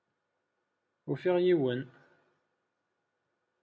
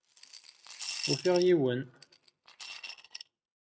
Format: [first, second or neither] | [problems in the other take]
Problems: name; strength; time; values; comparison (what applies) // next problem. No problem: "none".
first | noise reduction (neural mask model RNNoise)